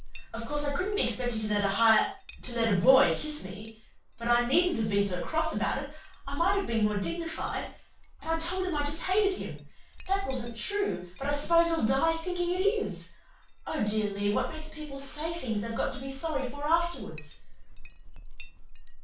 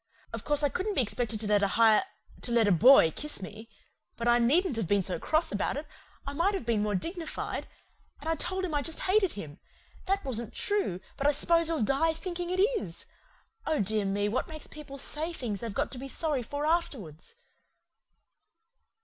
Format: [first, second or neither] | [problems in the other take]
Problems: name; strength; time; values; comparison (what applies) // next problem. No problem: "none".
second | background sound (Chink, clink); 14 dB below the speech // room echo; dies away in 0.3 s